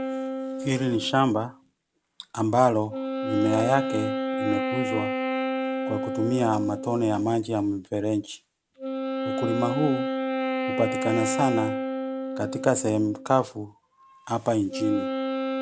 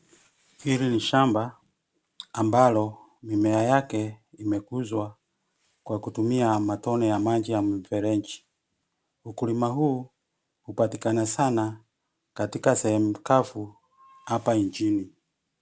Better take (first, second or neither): second